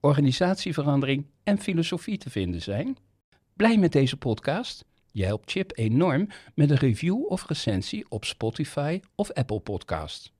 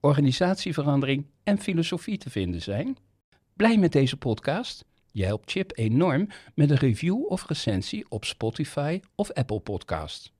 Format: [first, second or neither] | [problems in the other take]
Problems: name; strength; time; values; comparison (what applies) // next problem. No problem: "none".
neither | none